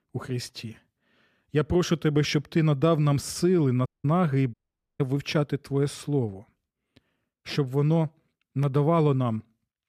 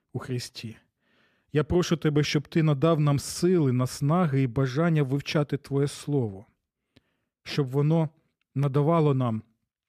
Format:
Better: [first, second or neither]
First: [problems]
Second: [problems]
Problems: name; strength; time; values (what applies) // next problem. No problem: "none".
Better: second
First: audio cutting out; at 4 s and at 4.5 s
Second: none